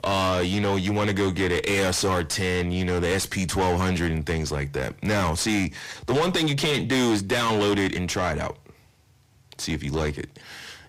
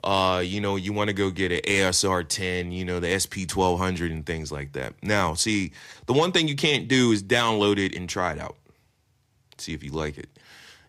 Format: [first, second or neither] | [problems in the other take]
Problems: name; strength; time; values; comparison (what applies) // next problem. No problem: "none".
second | distortion; heavy; 5 dB below the speech